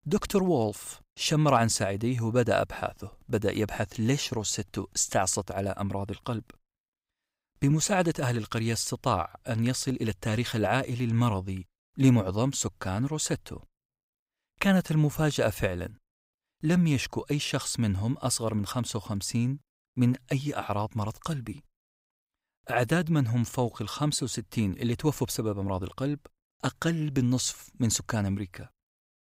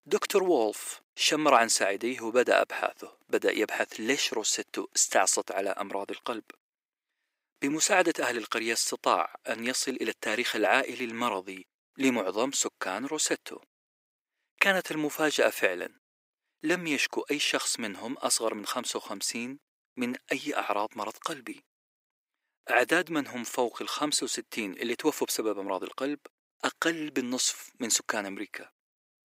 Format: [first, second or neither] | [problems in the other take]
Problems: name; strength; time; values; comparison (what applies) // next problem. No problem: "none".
first | thin; somewhat; fading below 350 Hz